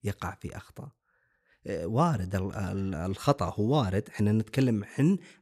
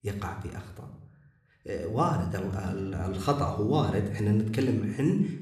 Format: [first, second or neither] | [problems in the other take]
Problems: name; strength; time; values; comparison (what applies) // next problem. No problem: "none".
first | room echo; slight; dies away in 0.7 s